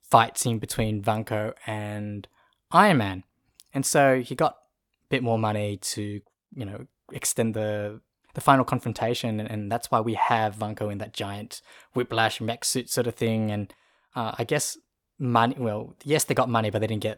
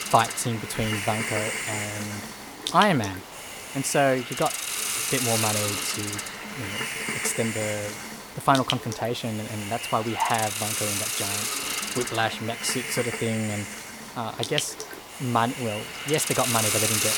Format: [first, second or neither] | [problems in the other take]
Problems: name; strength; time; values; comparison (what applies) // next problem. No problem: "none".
first | hiss; loud; throughout; 2 dB below the speech